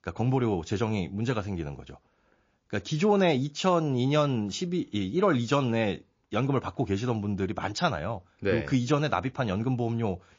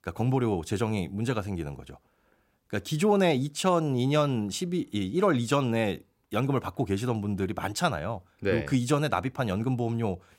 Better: second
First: garbled, watery; slightly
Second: none

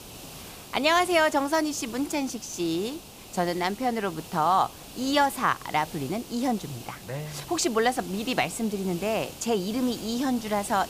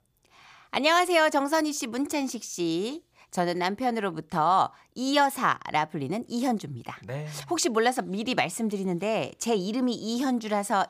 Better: second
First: hiss; noticeable; throughout; 15 dB below the speech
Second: none

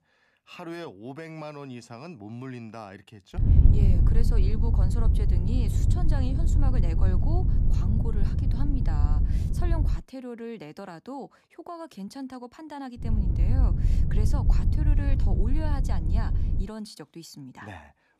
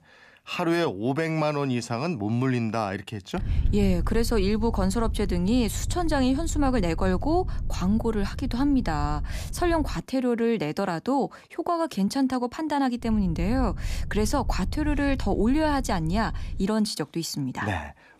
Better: second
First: wind noise on the microphone; heavy; from 3.5 to 10 s and from 13 to 17 s; as loud as the speech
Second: wind noise on the microphone; occasional gusts; from 3.5 to 10 s and from 13 to 17 s; 20 dB below the speech

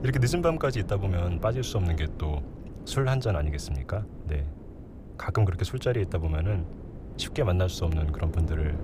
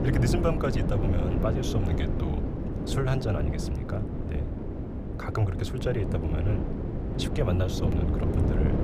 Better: first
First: wind noise on the microphone; occasional gusts; 15 dB below the speech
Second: wind noise on the microphone; heavy; 2 dB below the speech

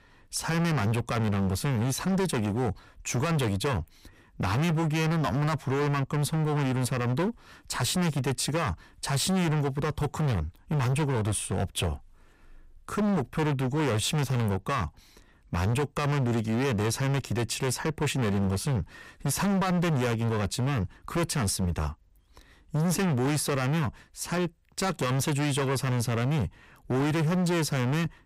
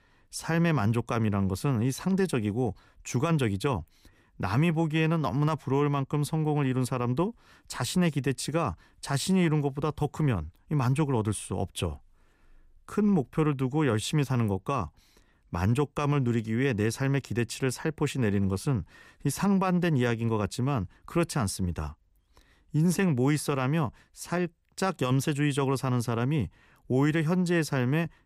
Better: second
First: distortion; heavy; 26% of the sound clipped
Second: none

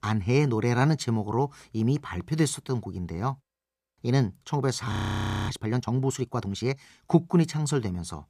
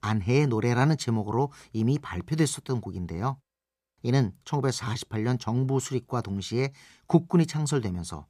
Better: second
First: audio freezing; at 5 s for 0.5 s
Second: none

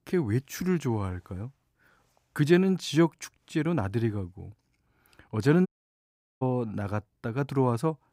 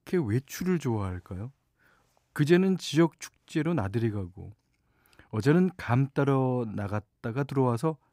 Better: second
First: audio cutting out; at 5.5 s for 1 s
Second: none

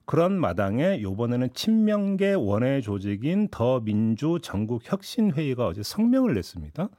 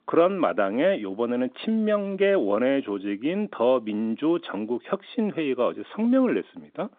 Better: first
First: none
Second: phone-call audio; nothing above 3.5 kHz

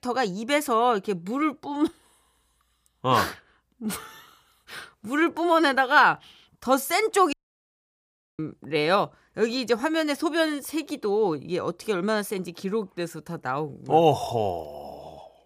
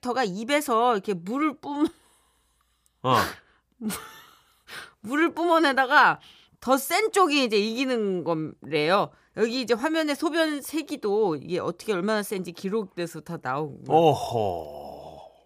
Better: second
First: audio cutting out; at 7.5 s for 1 s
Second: none

